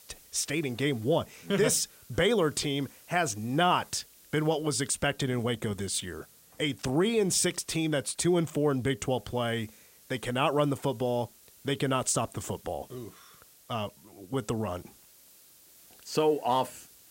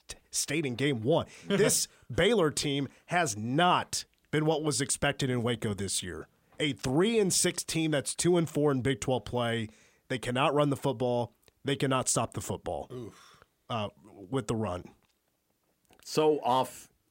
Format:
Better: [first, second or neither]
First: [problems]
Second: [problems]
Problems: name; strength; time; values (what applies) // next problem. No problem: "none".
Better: second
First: hiss; faint; throughout; 25 dB below the speech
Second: none